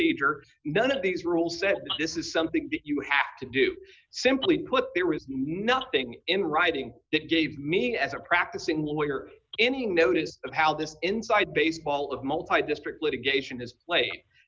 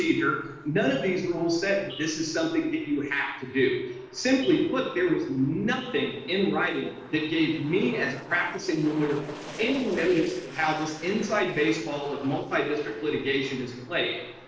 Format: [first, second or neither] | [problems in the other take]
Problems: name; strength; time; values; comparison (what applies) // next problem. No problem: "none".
first | noise reduction (neural separator model SepFormer DNS4)